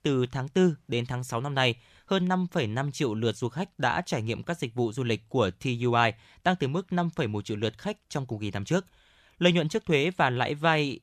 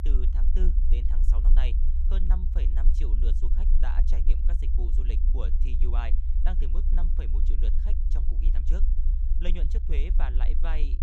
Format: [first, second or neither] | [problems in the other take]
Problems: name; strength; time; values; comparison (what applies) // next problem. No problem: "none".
first | low rumble; loud; throughout; 5 dB below the speech